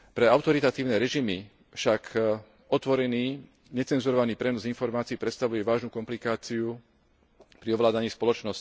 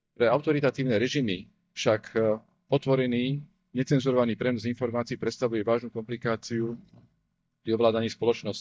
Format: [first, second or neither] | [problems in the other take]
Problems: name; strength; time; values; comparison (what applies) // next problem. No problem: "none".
first | noise reduction (neural mask model DeepFilterNet 3)